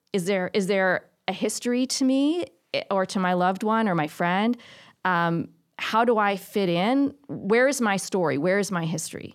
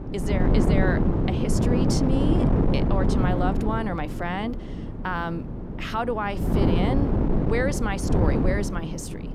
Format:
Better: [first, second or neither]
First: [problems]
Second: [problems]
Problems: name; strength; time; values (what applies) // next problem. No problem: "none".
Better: first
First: none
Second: wind noise on the microphone; heavy; as loud as the speech